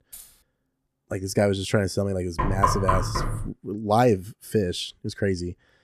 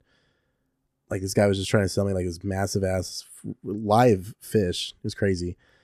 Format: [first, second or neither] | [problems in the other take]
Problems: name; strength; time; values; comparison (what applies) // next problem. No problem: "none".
second | jangling keys; faint; at the start; peak 20 dB below the speech // door banging; loud; from 2.5 to 3.5 s; peak 3 dB above the speech